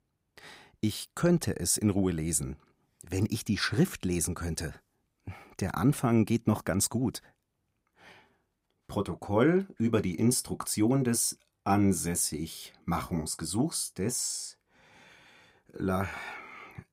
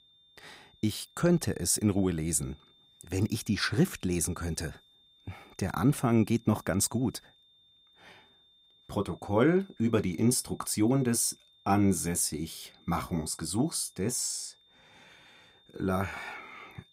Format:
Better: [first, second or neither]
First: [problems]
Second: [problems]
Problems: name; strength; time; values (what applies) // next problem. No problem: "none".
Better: first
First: none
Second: high-pitched whine; faint; throughout; 3.5 kHz, 30 dB below the speech